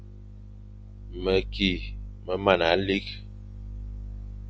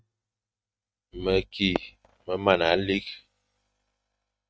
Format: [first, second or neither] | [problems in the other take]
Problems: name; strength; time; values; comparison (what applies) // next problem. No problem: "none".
first | noise reduction (neural mask model RNNoise)